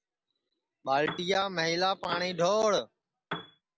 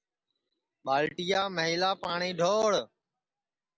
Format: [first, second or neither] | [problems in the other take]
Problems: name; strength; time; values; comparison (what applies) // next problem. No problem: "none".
second | background sound (Piano); 8 dB below the speech